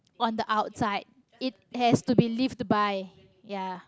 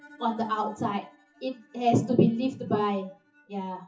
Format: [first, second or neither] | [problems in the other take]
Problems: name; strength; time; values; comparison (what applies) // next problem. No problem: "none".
first | noise reduction (classical method WPE with log-MMSE)